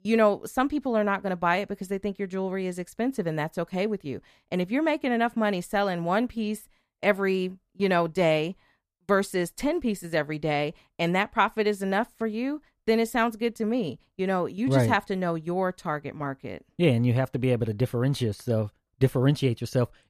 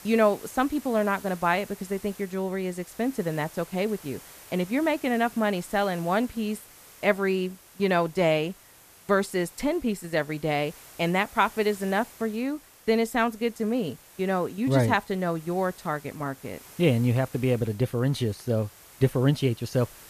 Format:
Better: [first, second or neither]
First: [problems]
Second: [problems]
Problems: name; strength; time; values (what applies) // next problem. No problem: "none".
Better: first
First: none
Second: hiss; faint; throughout; 20 dB below the speech